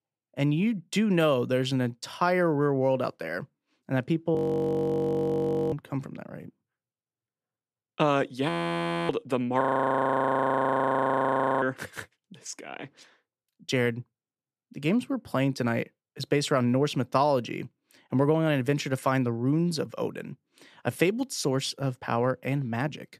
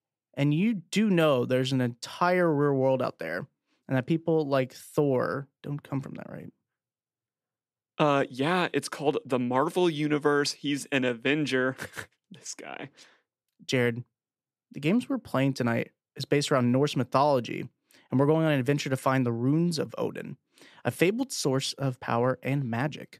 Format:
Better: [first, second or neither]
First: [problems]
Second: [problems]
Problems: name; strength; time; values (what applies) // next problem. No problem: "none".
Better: second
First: audio freezing; at 4.5 s for 1.5 s, at 8.5 s for 0.5 s and at 9.5 s for 2 s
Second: none